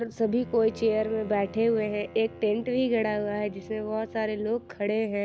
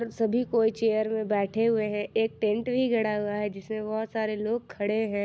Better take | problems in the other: second | background sound (Bowed string instrument); 18 dB below the speech

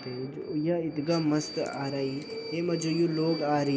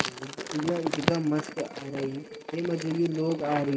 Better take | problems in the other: first | noise reduction (neural mask model RNNoise)

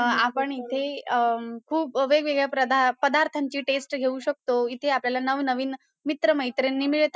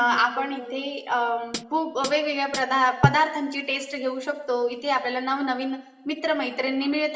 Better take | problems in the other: first | background sound (Hi-hat); 5 dB below the speech // room echo; dies away in 1 s

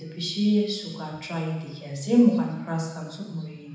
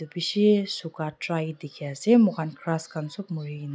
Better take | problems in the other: second | room echo; dies away in 1.1 s

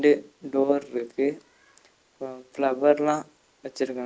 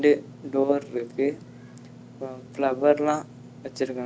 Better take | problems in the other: first | background sound (Engine / Mechanisms); 19 dB below the speech

